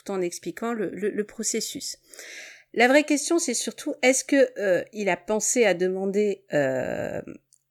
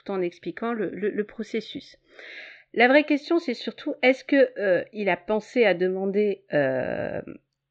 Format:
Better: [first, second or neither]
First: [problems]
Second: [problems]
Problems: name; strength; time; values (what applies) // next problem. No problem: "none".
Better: first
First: none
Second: muffled; very; fading above 4 kHz